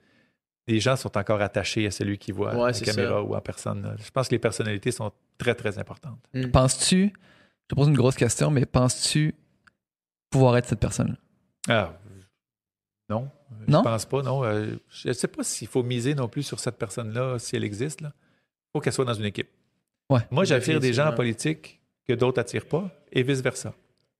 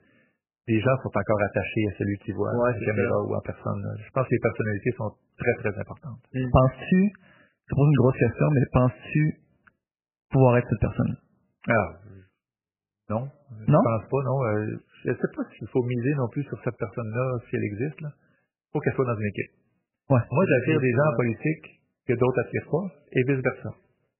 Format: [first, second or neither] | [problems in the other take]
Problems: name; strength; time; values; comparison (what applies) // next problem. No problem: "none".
first | garbled, watery; badly; nothing above 2.5 kHz